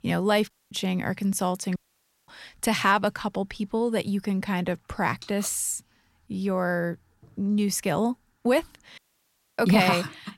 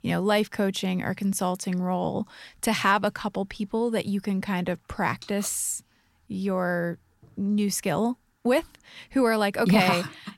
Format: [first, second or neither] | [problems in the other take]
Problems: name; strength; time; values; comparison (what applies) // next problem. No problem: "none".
second | audio cutting out; at 0.5 s, at 2 s for 0.5 s and at 9 s for 0.5 s